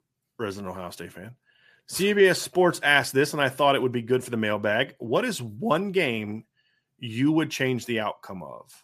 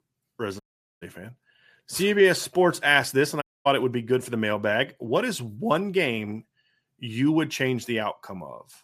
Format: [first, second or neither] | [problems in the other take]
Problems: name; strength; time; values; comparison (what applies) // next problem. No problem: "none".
first | audio cutting out; at 0.5 s and at 3.5 s